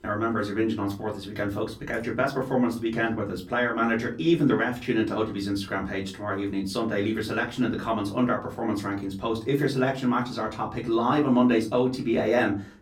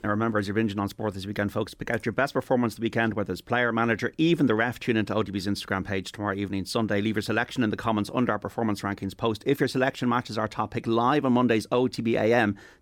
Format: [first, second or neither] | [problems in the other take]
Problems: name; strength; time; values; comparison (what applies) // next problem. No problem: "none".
second | off-mic speech; far // room echo; very slight; dies away in 0.3 s